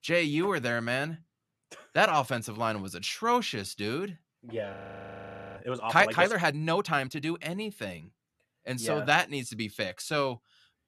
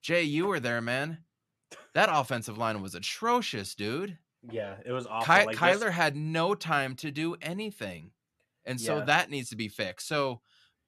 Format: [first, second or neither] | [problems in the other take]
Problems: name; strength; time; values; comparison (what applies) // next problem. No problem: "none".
second | audio freezing; at 4.5 s for 1 s